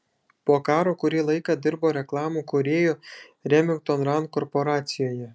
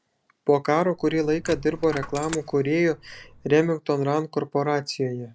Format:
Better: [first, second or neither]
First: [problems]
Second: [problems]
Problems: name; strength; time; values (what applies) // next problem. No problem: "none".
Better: first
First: none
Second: background sound (Coin (dropping)); 16 dB below the speech